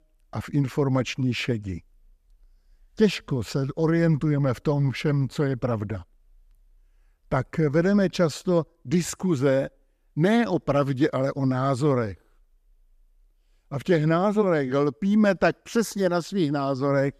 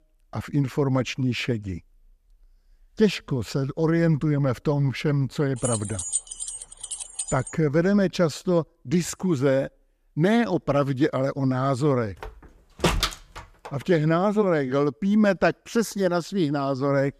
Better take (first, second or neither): first